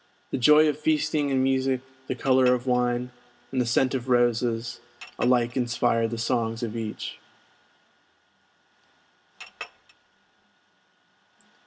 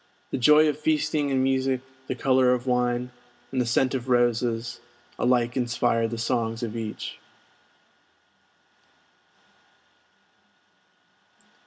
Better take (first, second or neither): second